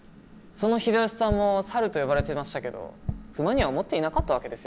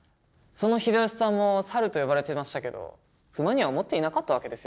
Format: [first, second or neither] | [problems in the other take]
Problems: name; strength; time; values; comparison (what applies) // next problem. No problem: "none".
second | background sound (Tap); 10 dB below the speech